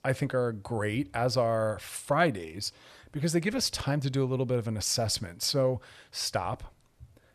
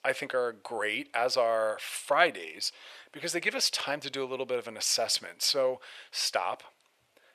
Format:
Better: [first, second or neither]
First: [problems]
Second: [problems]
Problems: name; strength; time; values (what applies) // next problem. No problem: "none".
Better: first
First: none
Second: thin; very; fading below 550 Hz